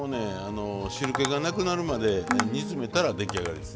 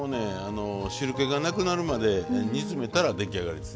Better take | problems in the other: second | background sound (Tap); 9 dB below the speech

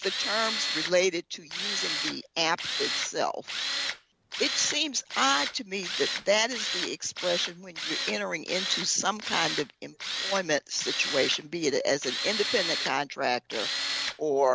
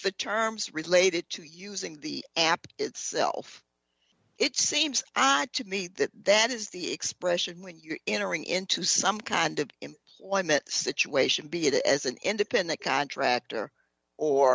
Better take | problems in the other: second | background sound (Tools); 4 dB below the speech

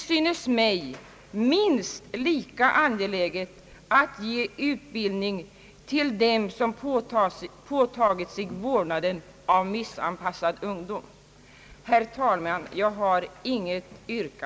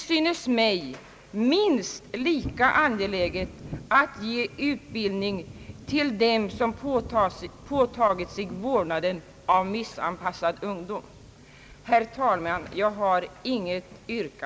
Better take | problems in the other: first | background sound (Thunder); 18 dB below the speech

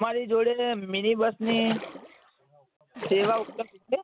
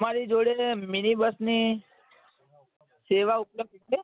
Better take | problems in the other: second | background sound (Splash, splatter); 10 dB below the speech

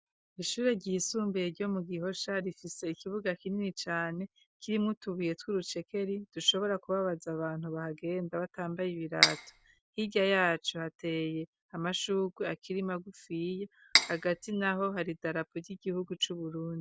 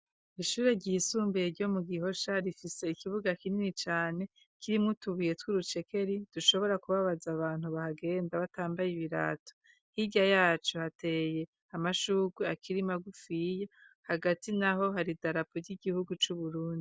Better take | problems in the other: second | background sound (Cutlery, silverware); 4 dB above the speech

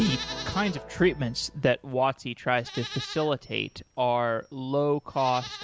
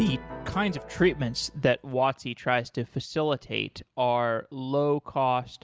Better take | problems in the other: second | background sound (Livestock, farm animals, working animals); 15 dB below the speech

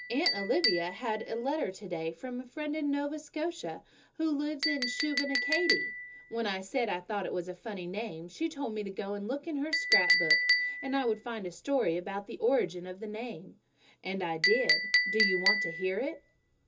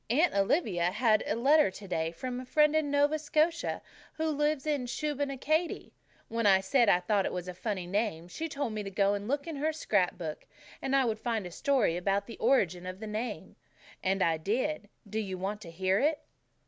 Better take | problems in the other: second | background sound (Chink, clink); 1 dB below the speech // room echo; dies away in 0.2 s

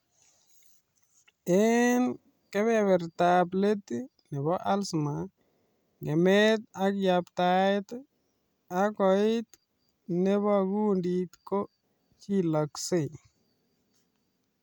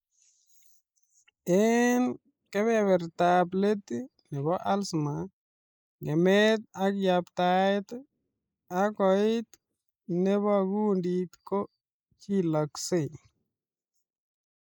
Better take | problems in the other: first | noise reduction (neural mask model Resemble Enhance denoiser)

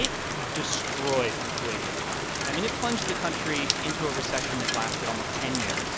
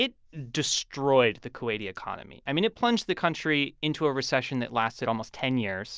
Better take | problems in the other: second | background sound (Rain); 3 dB above the speech

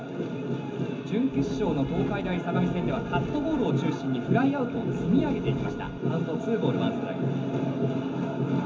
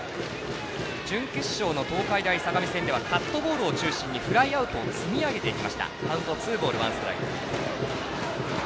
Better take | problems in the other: second | background sound (Wind); 16 dB below the speech // room echo; dies away in 0.3 s

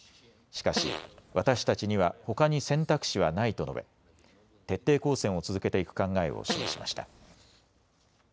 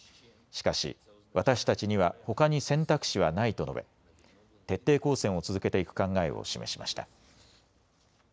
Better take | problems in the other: second | background sound (Fart); 8 dB below the speech

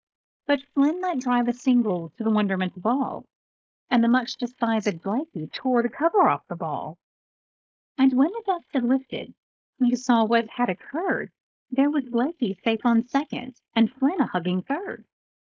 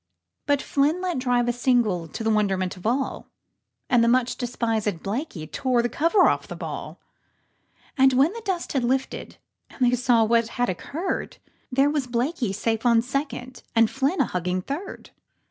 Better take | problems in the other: second | noise reduction (neural mask model Resemble Enhance denoiser)

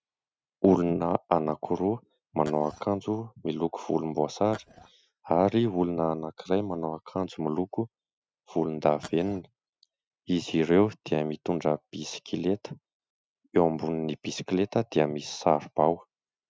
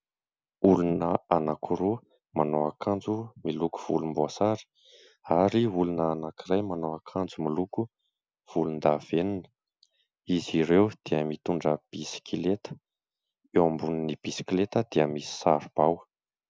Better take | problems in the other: second | noise reduction (neural mask model RNNoise)

